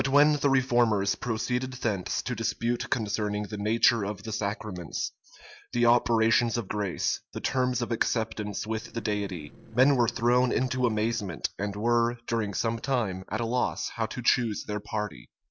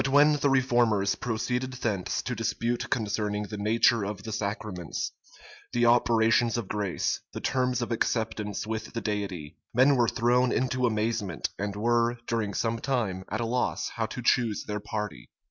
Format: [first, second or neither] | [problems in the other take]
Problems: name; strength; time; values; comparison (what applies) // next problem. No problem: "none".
second | noise reduction (neural separator model SepFormer DNS4)